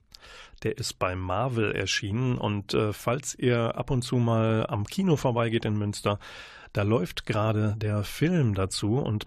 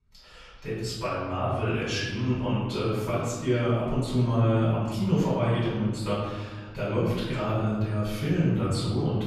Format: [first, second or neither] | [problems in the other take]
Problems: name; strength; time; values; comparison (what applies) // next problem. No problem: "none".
first | room echo; strong; dies away in 1.4 s // off-mic speech; far